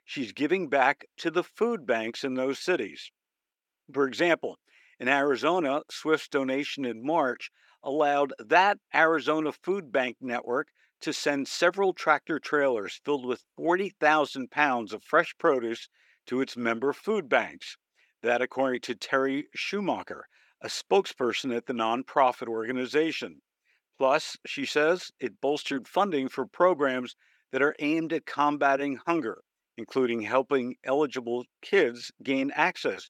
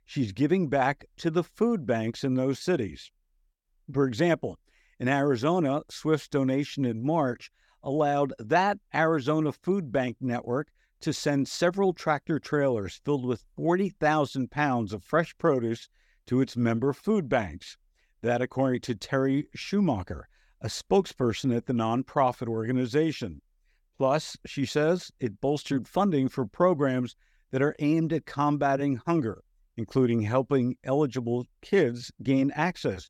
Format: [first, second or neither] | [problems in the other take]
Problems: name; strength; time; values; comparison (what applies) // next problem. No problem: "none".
second | thin; somewhat; fading below 350 Hz